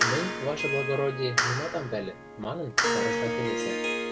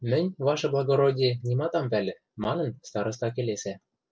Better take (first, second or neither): second